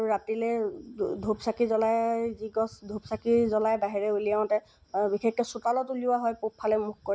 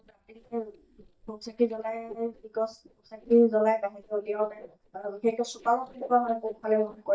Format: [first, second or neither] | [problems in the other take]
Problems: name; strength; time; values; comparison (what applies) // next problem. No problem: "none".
first | noise reduction (neural mask model DeepFilterNet 3)